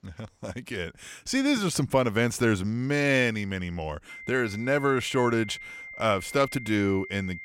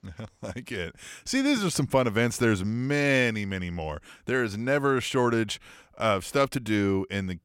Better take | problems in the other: second | high-pitched whine; noticeable; from 4 s on; 2 kHz, 15 dB below the speech

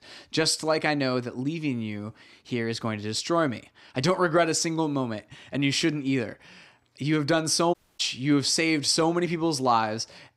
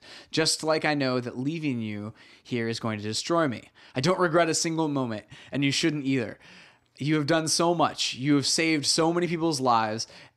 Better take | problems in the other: second | audio cutting out; at 7.5 s

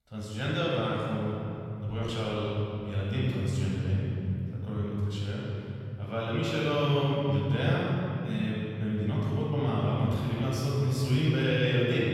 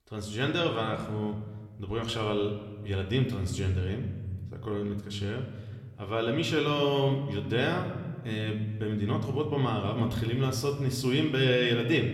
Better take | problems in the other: second | room echo; strong; dies away in 3 s; slight in the second // off-mic speech; far; somewhat distant in the second

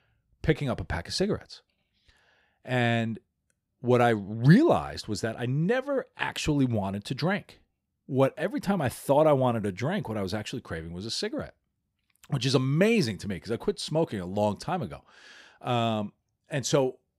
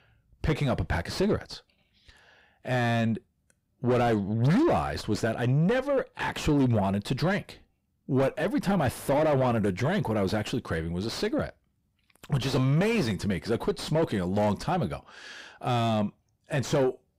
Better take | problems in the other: first | distortion; heavy; 5 dB below the speech

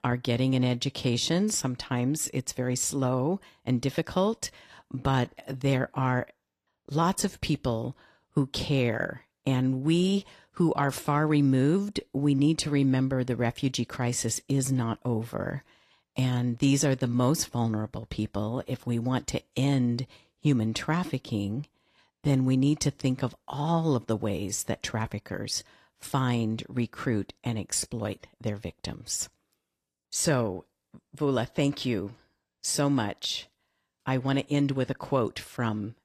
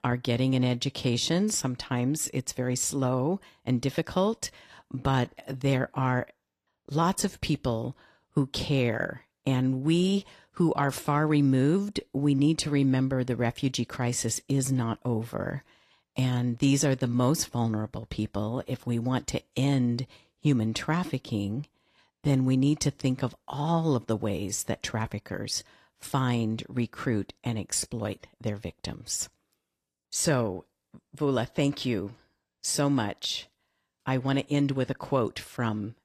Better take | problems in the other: neither | garbled, watery; slightly; nothing above 13.5 kHz; the same in both

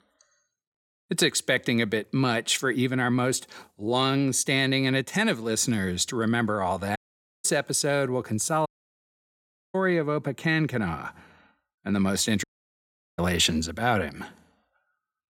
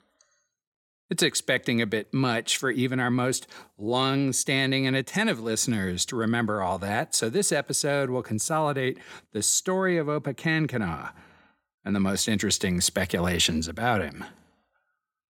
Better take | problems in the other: second | audio cutting out; at 7 s, at 8.5 s for 1 s and at 12 s for 0.5 s

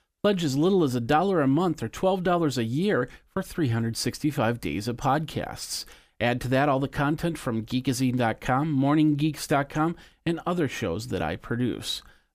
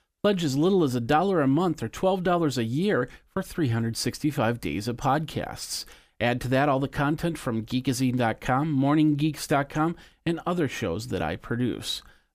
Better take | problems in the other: neither | none

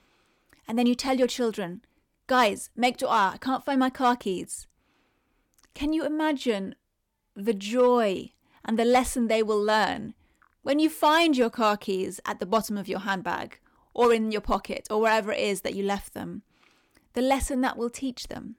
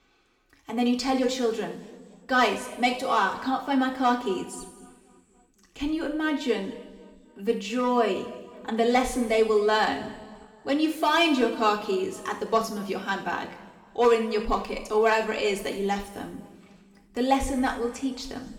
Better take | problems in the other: first | room echo; noticeable; dies away in 1.7 s // off-mic speech; somewhat distant

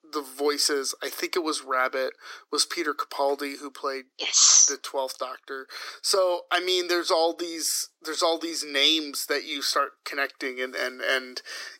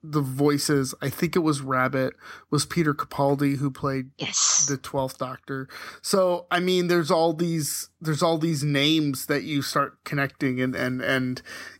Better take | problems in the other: second | thin; very; fading below 350 Hz

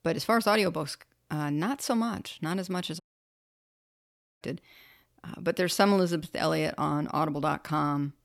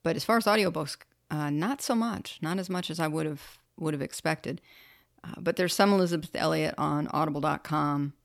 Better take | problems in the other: second | audio cutting out; at 3 s for 1.5 s

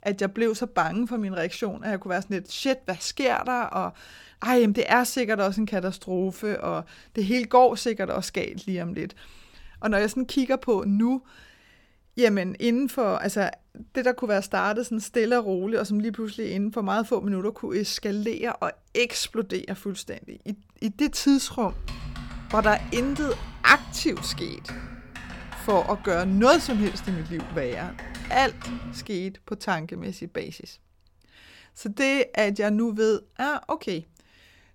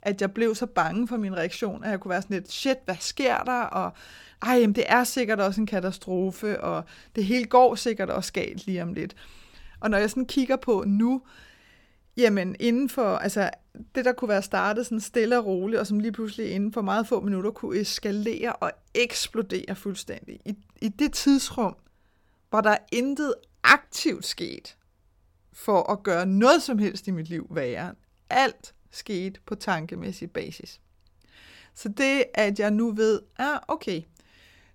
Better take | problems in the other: second | keyboard typing; noticeable; from 22 to 29 s; peak 10 dB below the speech

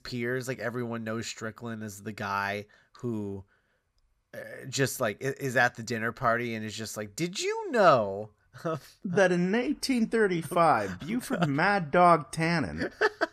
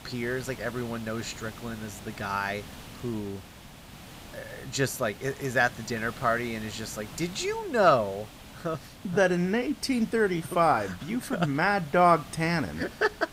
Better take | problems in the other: first | hiss; noticeable; throughout; 15 dB below the speech

